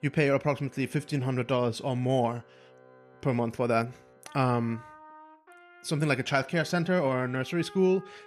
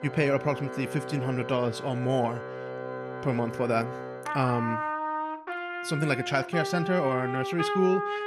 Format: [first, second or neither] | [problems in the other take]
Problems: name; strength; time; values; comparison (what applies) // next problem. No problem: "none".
first | background music; loud; throughout; 6 dB below the speech; faint in the first